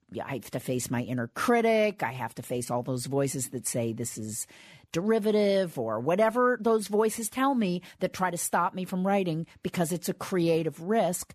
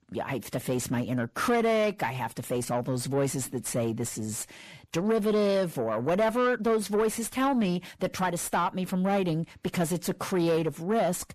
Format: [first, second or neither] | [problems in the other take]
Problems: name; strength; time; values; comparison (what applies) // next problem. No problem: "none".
first | distortion; slight; 10 dB below the speech